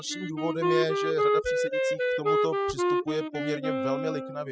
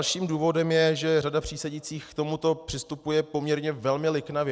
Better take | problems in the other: second | noise reduction (classical method spectral subtraction)

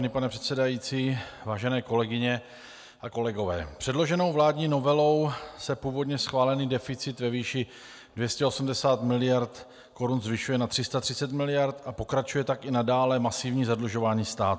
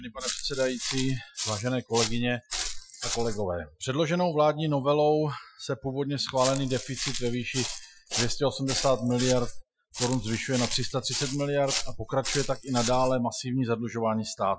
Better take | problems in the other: first | noise reduction (classical method Wiener filter)

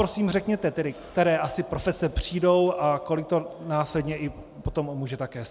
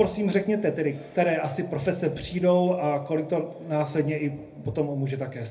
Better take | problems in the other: first | room echo; dies away in 0.3 s

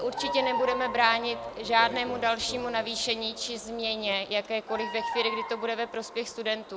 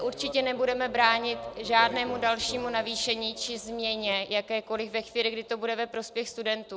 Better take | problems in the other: second | background sound (Bird vocalization, bird call, bird song); 9 dB below the speech

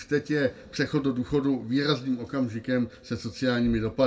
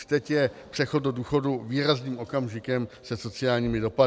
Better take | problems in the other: second | room echo; dies away in 0.2 s

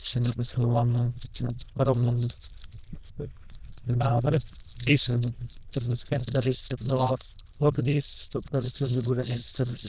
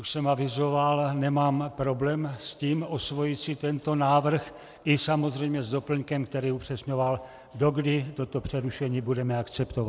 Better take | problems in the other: second | noise reduction (neural diffusion model UNIVERSE++)

